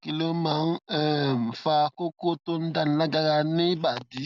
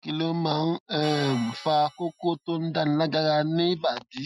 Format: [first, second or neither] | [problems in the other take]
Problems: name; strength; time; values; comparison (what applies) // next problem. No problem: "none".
first | noise reduction (classical method Wiener filter)